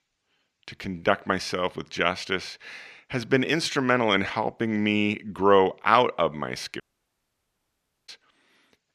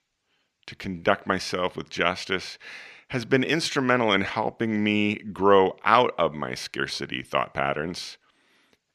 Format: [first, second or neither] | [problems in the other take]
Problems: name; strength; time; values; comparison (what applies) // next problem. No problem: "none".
second | audio cutting out; at 7 s for 1.5 s